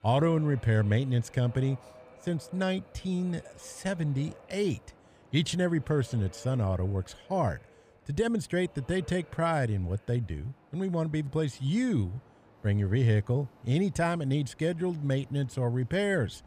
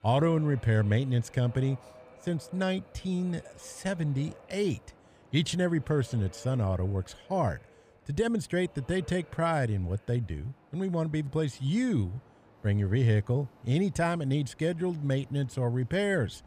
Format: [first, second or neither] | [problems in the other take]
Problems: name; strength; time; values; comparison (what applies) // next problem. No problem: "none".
neither | train or aircraft noise; faint; throughout; 25 dB below the speech; the same in both